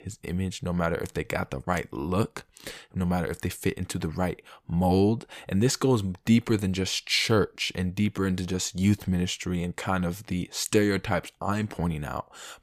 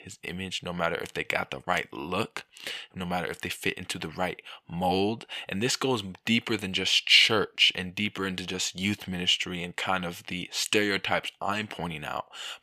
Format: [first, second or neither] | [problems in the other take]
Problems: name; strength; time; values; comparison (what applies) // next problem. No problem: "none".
first | thin; somewhat; fading below 500 Hz